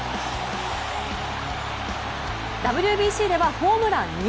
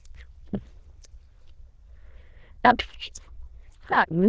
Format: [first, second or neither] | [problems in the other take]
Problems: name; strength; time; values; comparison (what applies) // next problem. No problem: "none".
first | noise reduction (neural diffusion model UNIVERSE++)